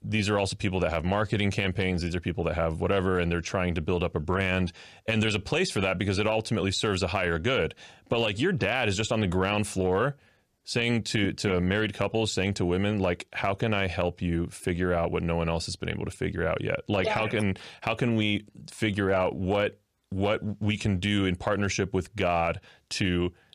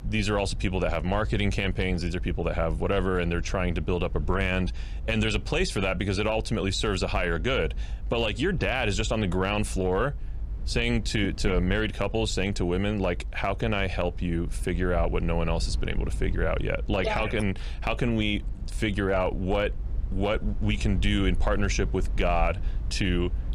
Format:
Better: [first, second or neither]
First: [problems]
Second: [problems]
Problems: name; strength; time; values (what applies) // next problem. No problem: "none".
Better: first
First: none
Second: low rumble; faint; throughout; 25 dB below the speech